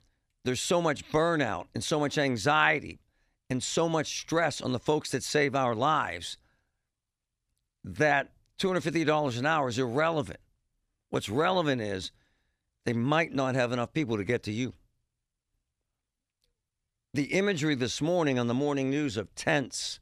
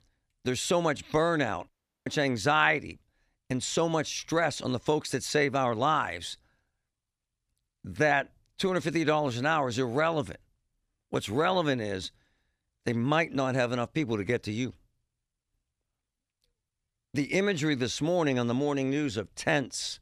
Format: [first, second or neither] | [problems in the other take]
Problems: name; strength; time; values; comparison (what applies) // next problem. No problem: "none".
first | audio cutting out; at 1.5 s